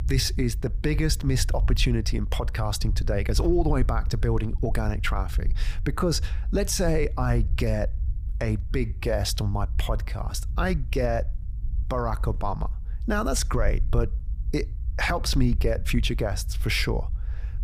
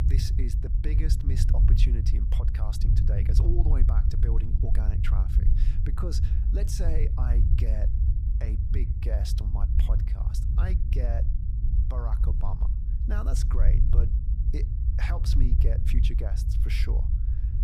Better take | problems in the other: first | low rumble; loud; throughout; 3 dB below the speech; faint in the first

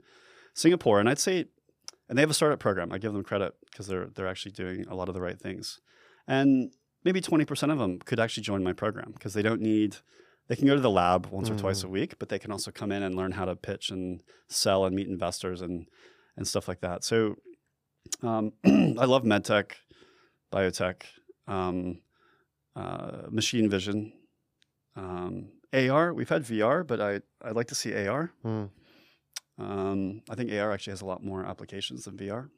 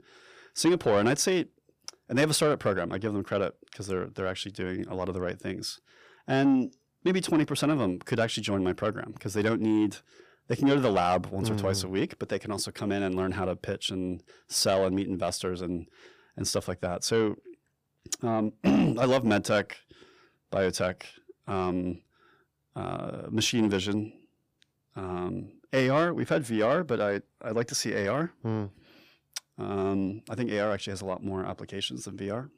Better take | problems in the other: first | distortion; slight; 10 dB below the speech

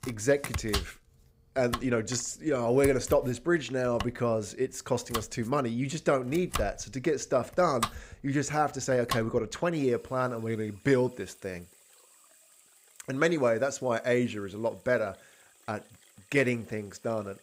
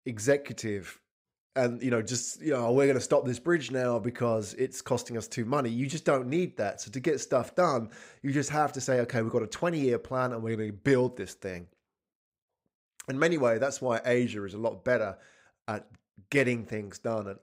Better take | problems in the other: second | household noises; loud; throughout; 8 dB below the speech

